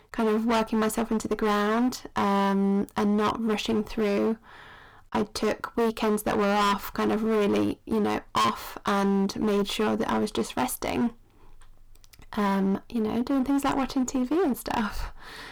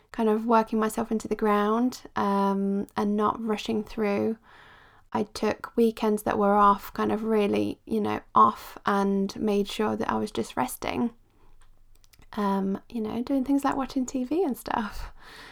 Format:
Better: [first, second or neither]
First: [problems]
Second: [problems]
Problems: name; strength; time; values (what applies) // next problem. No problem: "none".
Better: second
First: distortion; heavy; 18% of the sound clipped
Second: none